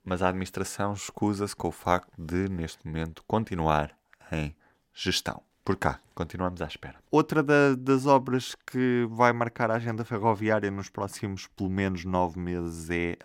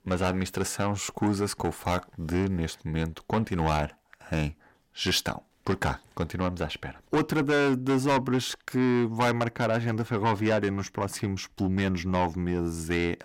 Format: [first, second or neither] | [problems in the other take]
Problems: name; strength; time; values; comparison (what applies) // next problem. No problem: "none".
first | distortion; heavy; 6 dB below the speech